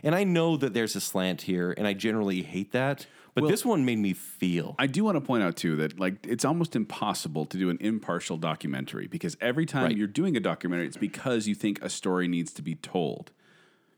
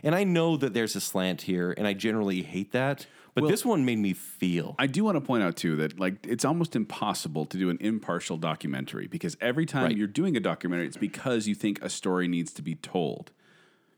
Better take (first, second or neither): neither